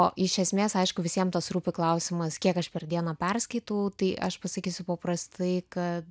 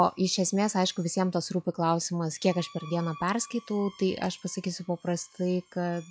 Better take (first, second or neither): first